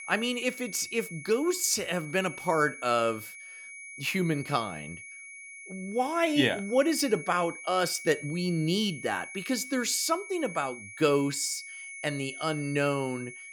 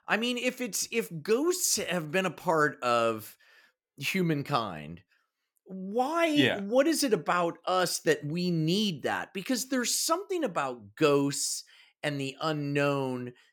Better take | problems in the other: second | high-pitched whine; noticeable; throughout; 2.5 kHz, 15 dB below the speech

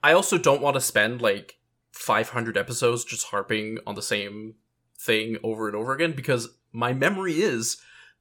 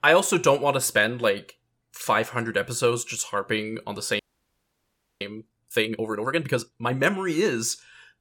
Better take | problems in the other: first | audio freezing; at 4 s for 1 s

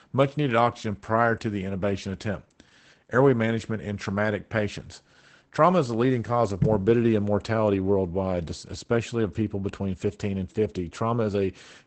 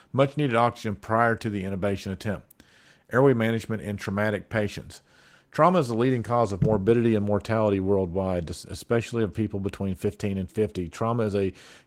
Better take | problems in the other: second | garbled, watery; badly; nothing above 8 kHz; slightly in the second

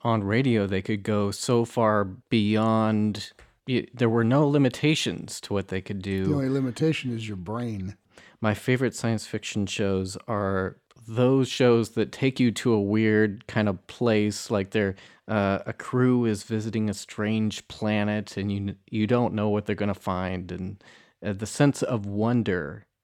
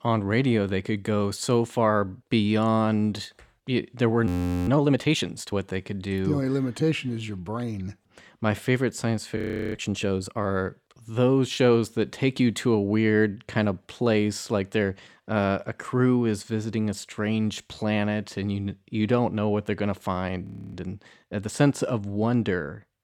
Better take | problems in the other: first | audio freezing; at 4.5 s, at 9.5 s and at 20 s

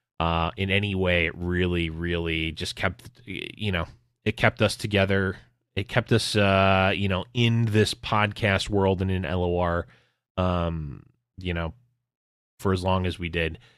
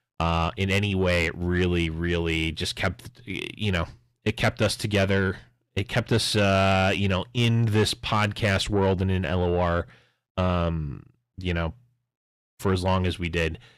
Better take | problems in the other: first | distortion; slight; 10 dB below the speech

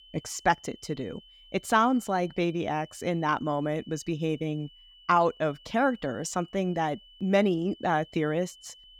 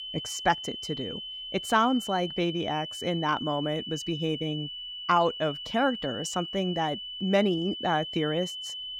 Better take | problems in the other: first | high-pitched whine; loud; throughout; 3 kHz, 7 dB below the speech; faint in the first

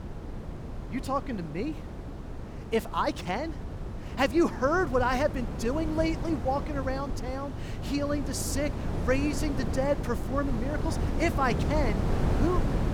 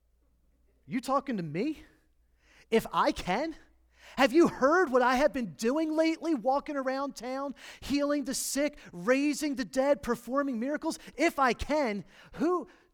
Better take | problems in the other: second | wind noise on the microphone; heavy; 9 dB below the speech

